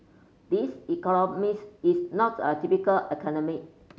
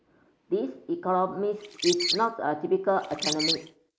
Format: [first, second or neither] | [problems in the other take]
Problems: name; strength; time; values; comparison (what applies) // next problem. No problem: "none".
first | noise reduction (neural mask model Resemble Enhance denoiser)